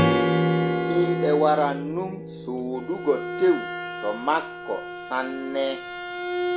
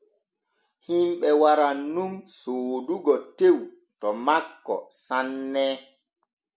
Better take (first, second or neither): second